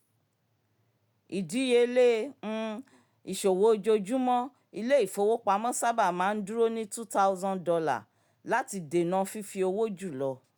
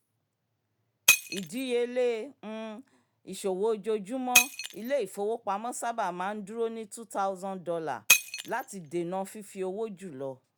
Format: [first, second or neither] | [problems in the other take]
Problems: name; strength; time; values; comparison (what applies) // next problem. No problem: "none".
first | background sound (Shatter); as loud as the speech